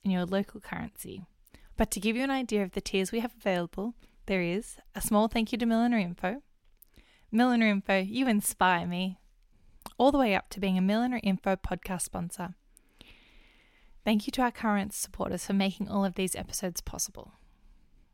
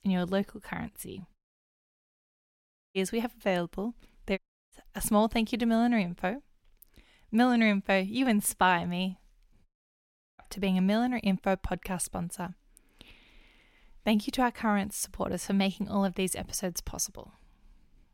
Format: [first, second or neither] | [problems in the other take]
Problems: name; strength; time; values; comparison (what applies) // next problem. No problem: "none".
first | audio cutting out; at 1.5 s for 1.5 s, at 4.5 s and at 9.5 s for 0.5 s